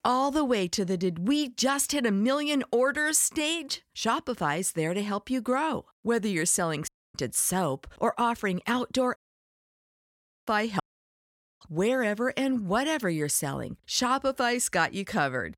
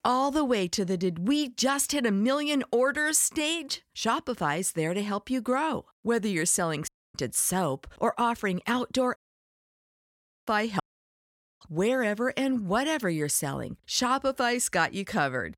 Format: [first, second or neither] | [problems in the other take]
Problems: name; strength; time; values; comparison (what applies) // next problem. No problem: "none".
neither | audio cutting out; at 7 s, at 9 s for 1.5 s and at 11 s for 1 s; the same in both